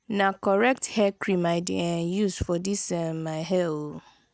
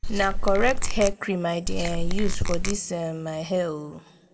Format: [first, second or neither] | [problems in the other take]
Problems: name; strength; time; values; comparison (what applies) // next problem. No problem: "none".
first | background sound (Squeak / Tools); 4 dB above the speech // room echo; dies away in 1 s